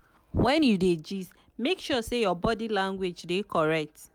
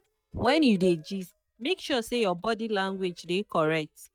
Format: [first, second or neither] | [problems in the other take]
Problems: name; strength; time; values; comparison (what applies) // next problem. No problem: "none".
first | noise reduction (neural mask model DeepFilterNet 3)